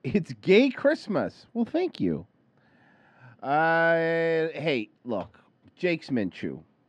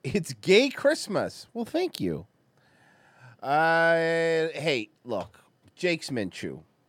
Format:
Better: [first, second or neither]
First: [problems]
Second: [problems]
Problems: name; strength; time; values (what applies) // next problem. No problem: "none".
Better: second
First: muffled; slightly; fading above 3 kHz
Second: none